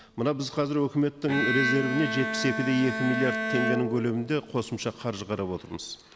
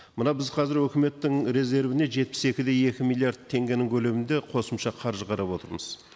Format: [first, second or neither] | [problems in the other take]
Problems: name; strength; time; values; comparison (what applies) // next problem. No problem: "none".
second | background sound (Bowed string instrument); 5 dB below the speech